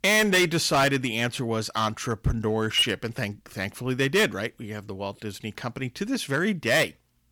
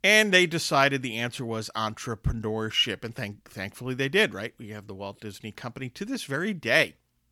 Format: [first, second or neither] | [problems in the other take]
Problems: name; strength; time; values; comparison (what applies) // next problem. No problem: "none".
second | distortion; heavy; 5% of the sound clipped